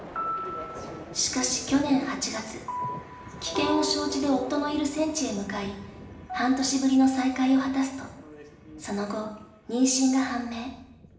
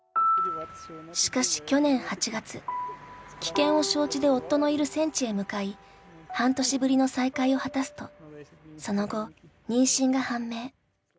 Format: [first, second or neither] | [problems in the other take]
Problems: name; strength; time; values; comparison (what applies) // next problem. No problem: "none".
second | background sound (Thunder); 18 dB below the speech // room echo; dies away in 0.8 s